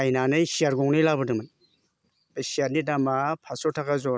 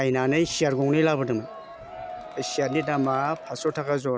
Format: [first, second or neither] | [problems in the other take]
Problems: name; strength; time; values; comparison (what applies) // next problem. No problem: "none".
first | background sound (Crowd); 14 dB below the speech